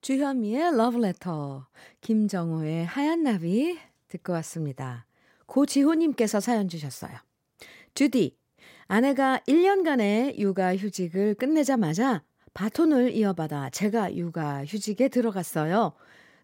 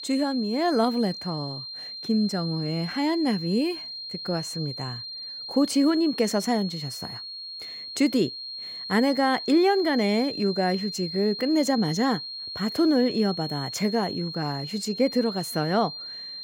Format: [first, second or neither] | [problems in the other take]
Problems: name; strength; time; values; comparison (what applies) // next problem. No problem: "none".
first | high-pitched whine; loud; throughout; 4 kHz, 8 dB below the speech